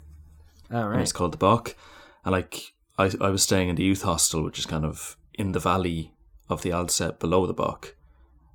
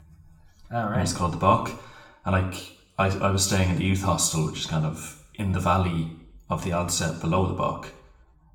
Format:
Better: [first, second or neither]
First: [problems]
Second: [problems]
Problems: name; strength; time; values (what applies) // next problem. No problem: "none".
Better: first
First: none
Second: room echo; slight; dies away in 0.6 s // off-mic speech; somewhat distant